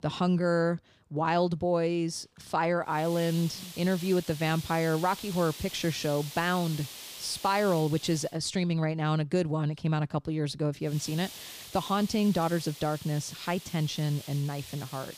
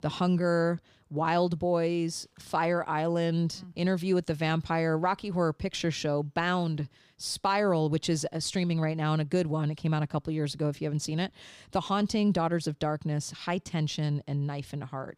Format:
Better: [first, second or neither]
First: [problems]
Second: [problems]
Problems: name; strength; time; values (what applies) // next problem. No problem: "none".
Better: second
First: hiss; noticeable; from 3 to 8.5 s and from 11 s on; 15 dB below the speech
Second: none